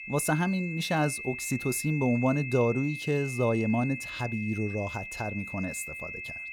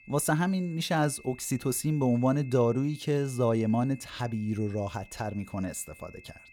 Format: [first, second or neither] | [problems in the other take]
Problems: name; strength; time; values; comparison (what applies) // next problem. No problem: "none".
second | high-pitched whine; loud; throughout; 2.5 kHz, 7 dB below the speech; faint in the second